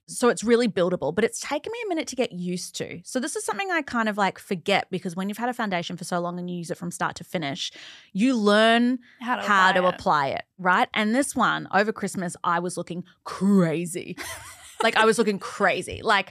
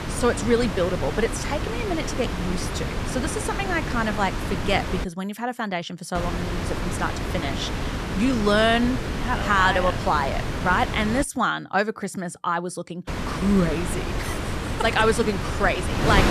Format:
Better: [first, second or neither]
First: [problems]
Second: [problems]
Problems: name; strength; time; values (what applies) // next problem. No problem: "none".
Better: first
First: none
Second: wind noise on the microphone; heavy; until 5 s, from 6 to 11 s and from 13 s on; 7 dB below the speech